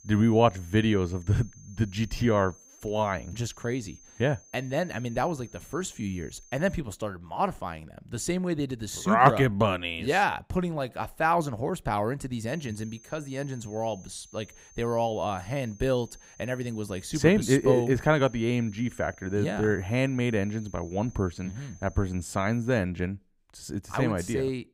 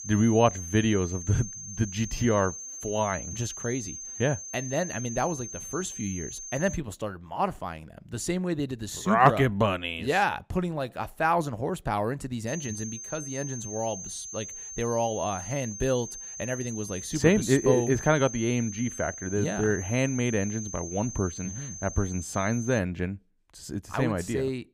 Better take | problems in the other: first | high-pitched whine; loud; until 7 s and from 12 to 23 s; 6.5 kHz, 9 dB below the speech; faint in the first

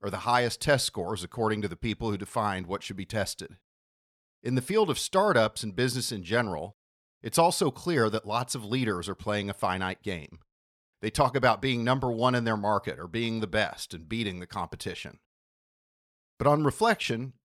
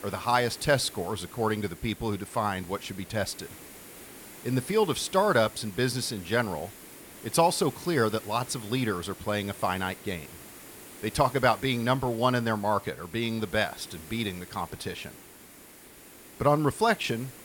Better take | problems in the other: first | hiss; noticeable; throughout; 15 dB below the speech

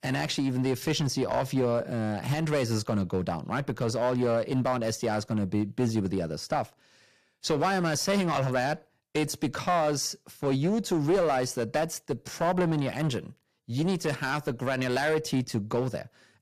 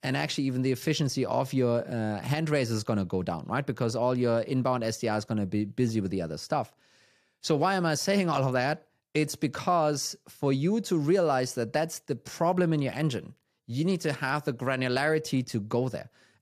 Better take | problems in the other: second | distortion; slight; 7% of the sound clipped

